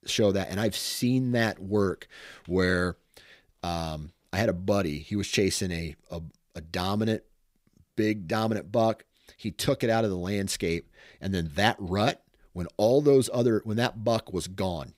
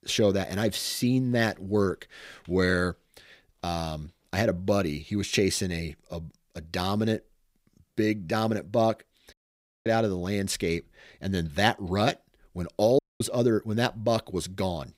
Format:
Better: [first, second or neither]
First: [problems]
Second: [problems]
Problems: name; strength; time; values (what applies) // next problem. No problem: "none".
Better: first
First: none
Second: audio cutting out; at 9.5 s for 0.5 s and at 13 s